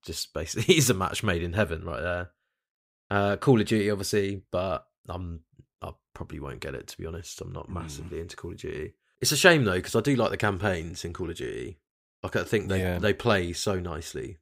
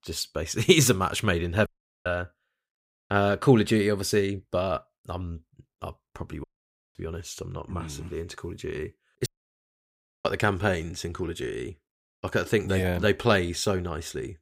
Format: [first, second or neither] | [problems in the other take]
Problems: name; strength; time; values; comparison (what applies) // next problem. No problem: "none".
first | audio cutting out; at 1.5 s, at 6.5 s for 0.5 s and at 9.5 s for 1 s